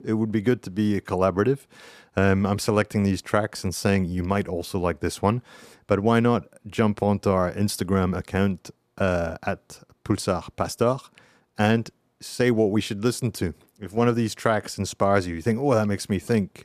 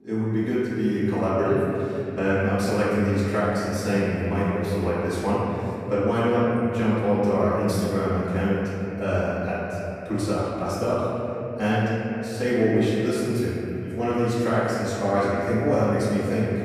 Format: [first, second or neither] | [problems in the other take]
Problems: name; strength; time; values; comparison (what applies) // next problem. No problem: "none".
first | room echo; strong; dies away in 3 s // off-mic speech; far